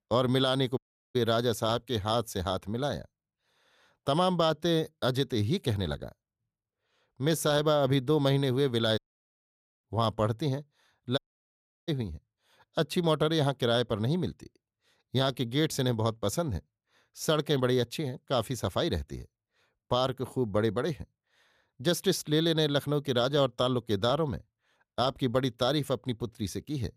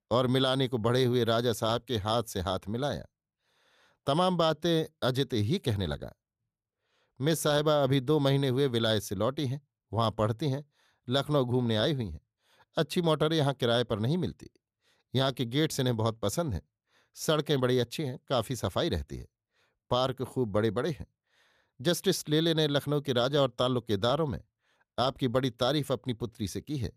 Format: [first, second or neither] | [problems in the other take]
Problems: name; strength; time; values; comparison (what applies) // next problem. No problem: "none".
second | audio cutting out; at 1 s, at 9 s for 1 s and at 11 s for 0.5 s